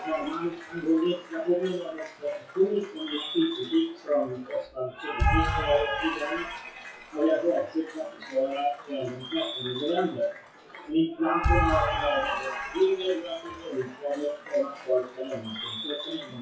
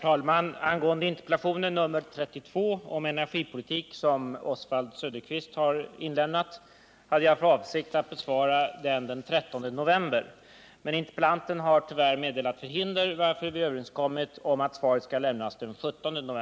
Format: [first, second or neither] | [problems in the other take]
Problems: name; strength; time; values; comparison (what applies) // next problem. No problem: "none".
second | noise reduction (classical method WPE with log-MMSE)